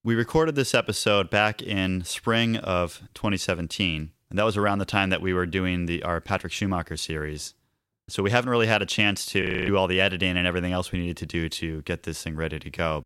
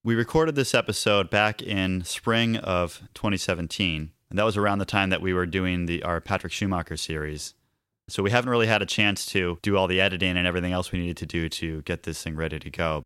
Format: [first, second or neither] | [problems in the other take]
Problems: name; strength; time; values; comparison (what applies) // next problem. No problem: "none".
second | audio freezing; at 9.5 s